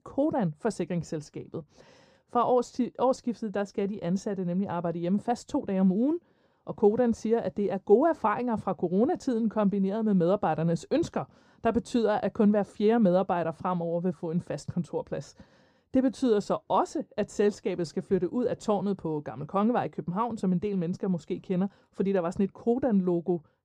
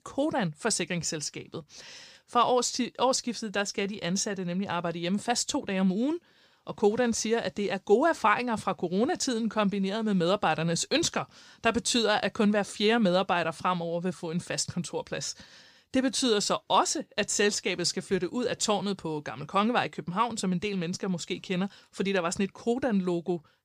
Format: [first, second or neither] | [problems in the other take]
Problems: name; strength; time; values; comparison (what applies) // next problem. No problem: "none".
second | muffled; very; fading above 1.5 kHz